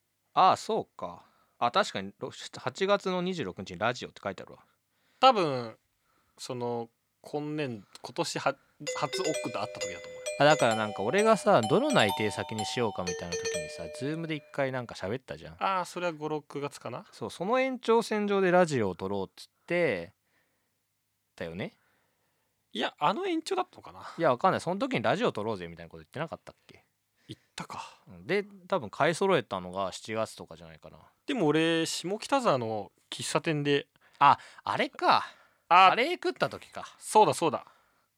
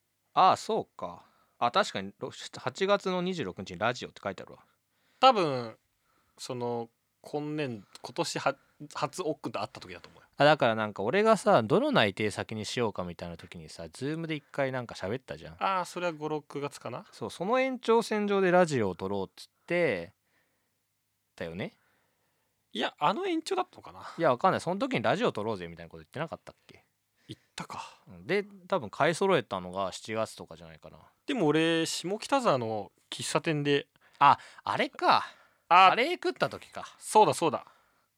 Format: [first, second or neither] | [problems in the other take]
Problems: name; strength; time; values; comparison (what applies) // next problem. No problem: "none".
second | doorbell; noticeable; from 9 to 14 s; peak 4 dB below the speech